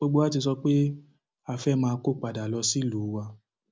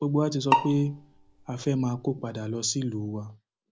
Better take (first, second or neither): first